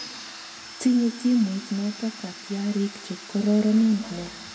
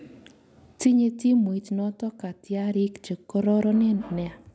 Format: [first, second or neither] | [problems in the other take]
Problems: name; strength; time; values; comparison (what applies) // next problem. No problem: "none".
second | background sound (Domestic sounds, home sounds); 16 dB below the speech // room echo; dies away in 1.1 s